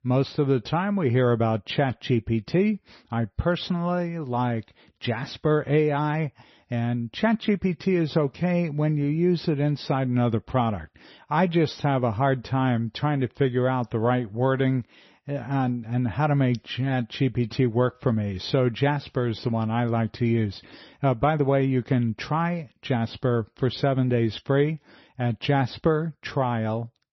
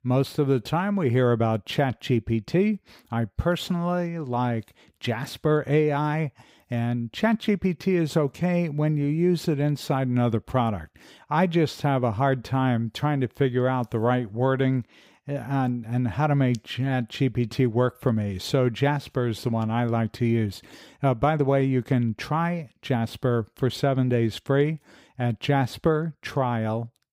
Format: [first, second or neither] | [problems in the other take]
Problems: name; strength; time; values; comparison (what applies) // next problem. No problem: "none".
second | garbled, watery; slightly; nothing above 6 kHz